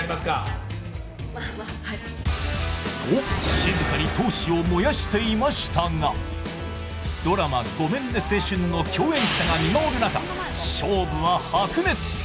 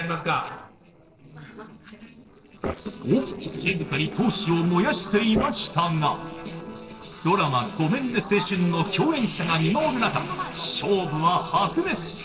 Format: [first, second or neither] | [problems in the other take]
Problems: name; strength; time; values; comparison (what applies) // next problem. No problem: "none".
first | noise reduction (neural separator model SepFormer DNS4)